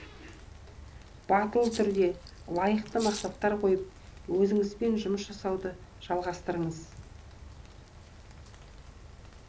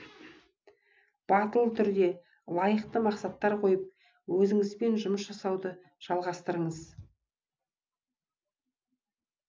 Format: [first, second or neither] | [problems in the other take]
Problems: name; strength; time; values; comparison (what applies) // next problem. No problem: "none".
second | background sound (Rain + Rattle (instrument)); 16 dB below the speech